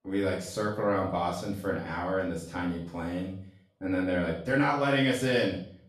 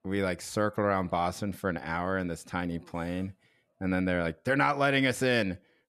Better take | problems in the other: second | room echo; noticeable; dies away in 0.5 s // off-mic speech; far

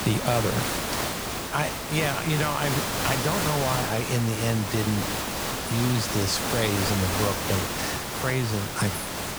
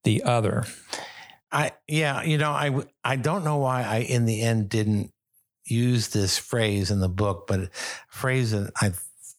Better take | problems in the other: second | hiss; loud; throughout; as loud as the speech

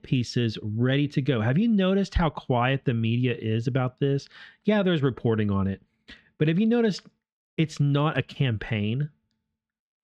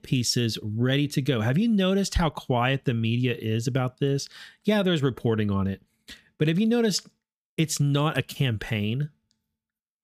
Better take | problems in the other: second | muffled; slightly; fading above 3 kHz

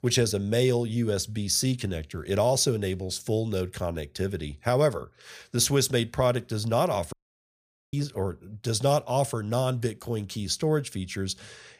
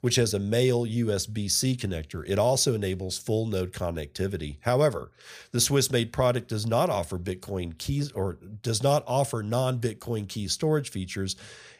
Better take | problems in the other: second | audio cutting out; at 7 s for 1 s

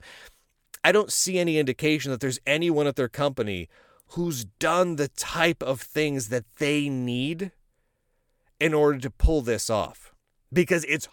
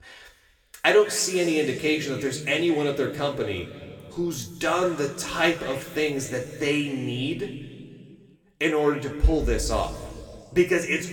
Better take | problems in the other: first | room echo; slight; dies away in 2.1 s // off-mic speech; somewhat distant

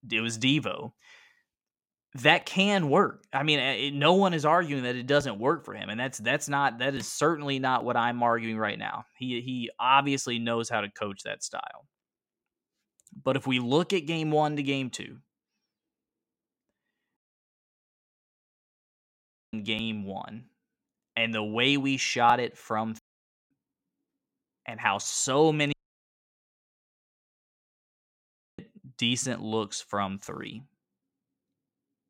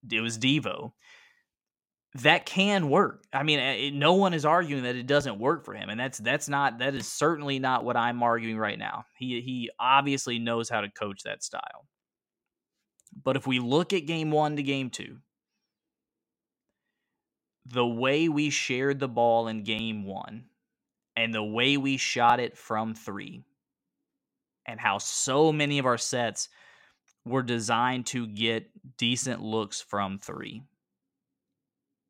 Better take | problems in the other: second | audio cutting out; at 17 s for 2.5 s, at 23 s for 0.5 s and at 26 s for 3 s

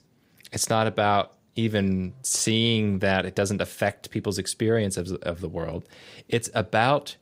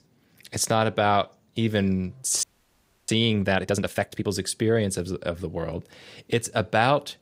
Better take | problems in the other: first | audio freezing; at 2.5 s for 0.5 s

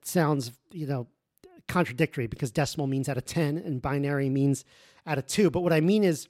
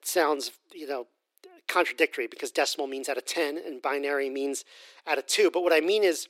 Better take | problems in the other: first | thin; very; fading below 350 Hz

